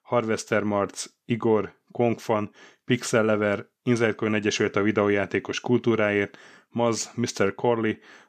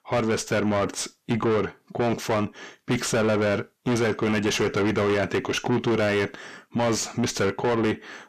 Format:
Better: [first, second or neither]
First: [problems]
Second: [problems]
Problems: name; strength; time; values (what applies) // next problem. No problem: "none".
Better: first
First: none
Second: distortion; heavy; 6 dB below the speech